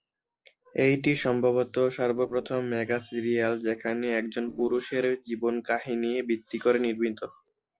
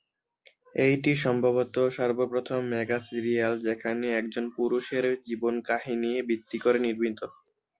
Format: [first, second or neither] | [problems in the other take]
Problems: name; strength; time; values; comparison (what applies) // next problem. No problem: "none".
second | noise reduction (neural separator model SepFormer DNS4)